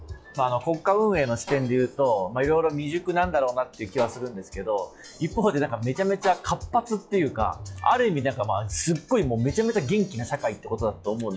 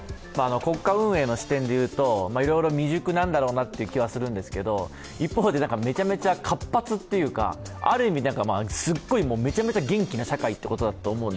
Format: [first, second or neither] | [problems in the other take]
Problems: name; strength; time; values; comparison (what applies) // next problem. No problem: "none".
second | noise reduction (classical method log-MMSE)